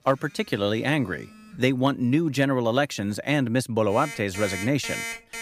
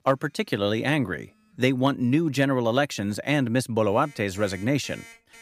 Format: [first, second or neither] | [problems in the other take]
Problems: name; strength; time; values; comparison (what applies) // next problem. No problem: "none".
second | alarms or sirens; loud; throughout; 10 dB below the speech; faint in the second